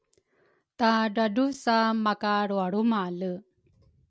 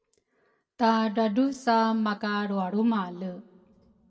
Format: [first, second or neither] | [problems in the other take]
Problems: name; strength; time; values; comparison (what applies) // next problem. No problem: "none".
first | room echo; dies away in 0.6 s